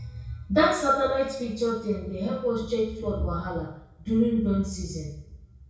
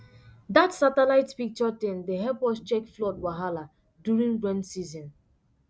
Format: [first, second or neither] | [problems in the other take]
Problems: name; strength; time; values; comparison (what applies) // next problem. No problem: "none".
second | room echo; dies away in 0.6 s